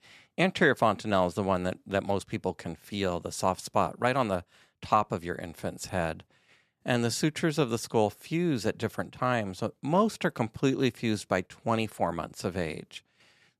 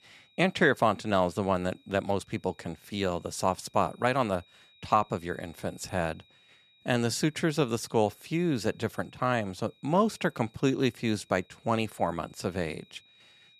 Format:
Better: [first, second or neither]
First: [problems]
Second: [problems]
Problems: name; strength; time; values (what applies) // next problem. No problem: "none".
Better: first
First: none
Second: high-pitched whine; faint; throughout; 4 kHz, 30 dB below the speech